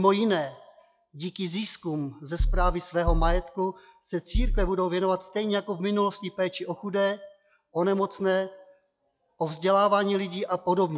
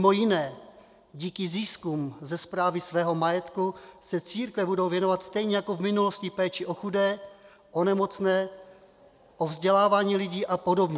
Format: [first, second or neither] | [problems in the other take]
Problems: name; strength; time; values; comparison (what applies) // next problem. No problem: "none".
second | noise reduction (classical method log-MMSE)